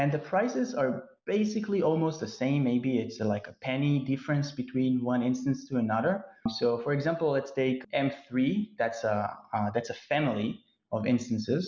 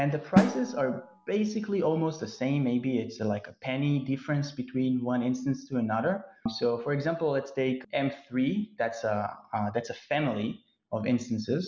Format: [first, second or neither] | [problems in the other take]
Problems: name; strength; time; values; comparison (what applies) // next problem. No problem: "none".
first | background sound (Drum); 3 dB below the speech